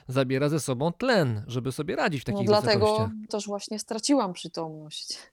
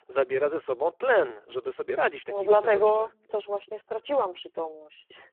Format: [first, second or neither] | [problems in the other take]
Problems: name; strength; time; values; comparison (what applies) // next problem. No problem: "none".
first | phone-call audio; poor line